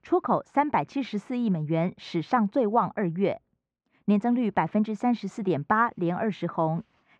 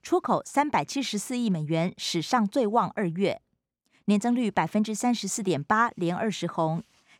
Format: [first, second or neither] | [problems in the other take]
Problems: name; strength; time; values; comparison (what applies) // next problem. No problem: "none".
second | muffled; very; fading above 2 kHz